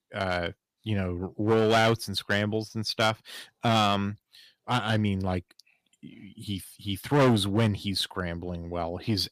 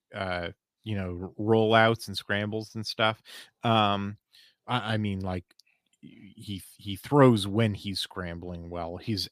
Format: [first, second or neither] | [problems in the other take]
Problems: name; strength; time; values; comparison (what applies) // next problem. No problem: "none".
second | distortion; heavy; 5% of the sound clipped